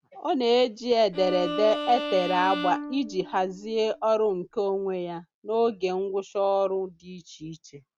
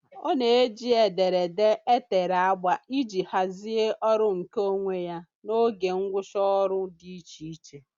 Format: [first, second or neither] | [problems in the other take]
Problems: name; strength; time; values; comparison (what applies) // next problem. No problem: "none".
second | background sound (Bowed string instrument); 8 dB below the speech